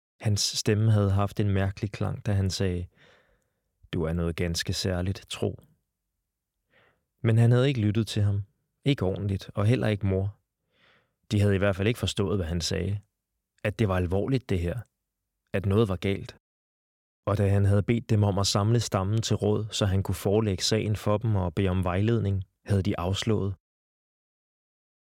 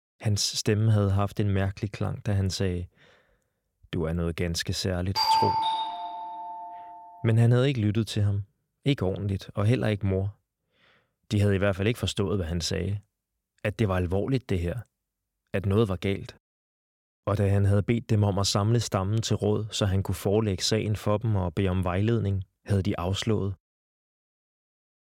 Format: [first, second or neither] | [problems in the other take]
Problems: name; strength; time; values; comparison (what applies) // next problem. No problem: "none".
first | doorbell; loud; from 5 to 6.5 s; peak 4 dB above the speech